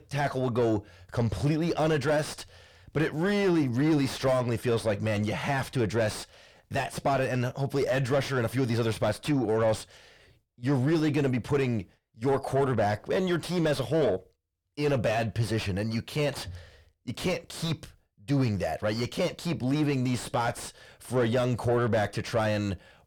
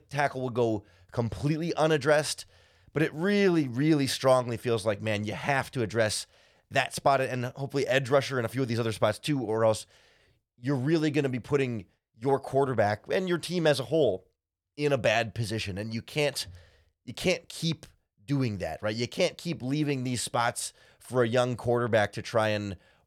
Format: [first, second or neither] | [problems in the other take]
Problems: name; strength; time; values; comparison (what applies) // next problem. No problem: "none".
second | distortion; heavy; 7 dB below the speech